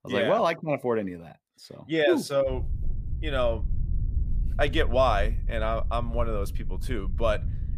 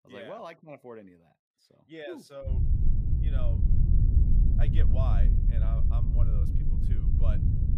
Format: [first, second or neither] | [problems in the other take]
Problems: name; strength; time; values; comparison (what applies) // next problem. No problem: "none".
first | low rumble; loud; from 2.5 s on; as loud as the speech; faint in the first